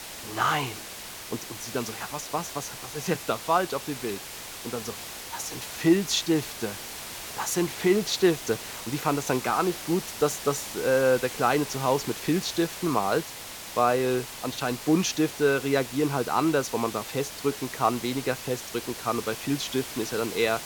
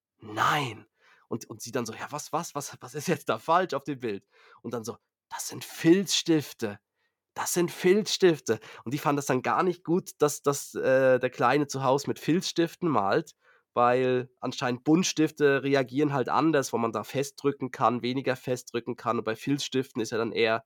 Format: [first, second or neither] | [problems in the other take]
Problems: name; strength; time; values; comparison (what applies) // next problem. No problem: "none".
second | hiss; loud; throughout; 9 dB below the speech